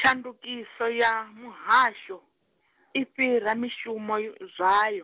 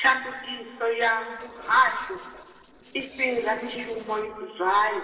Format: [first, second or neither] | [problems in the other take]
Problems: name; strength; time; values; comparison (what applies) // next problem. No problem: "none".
first | noise reduction (neural separator model SepFormer DNS4)